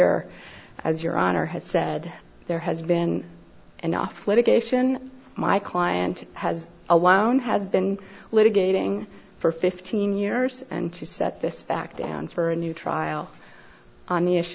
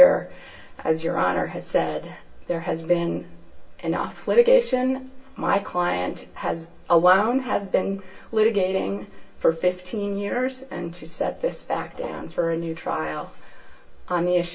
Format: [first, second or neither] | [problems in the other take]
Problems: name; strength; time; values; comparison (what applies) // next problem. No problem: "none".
first | room echo; dies away in 0.2 s